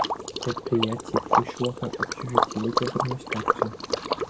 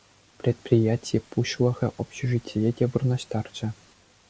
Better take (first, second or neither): second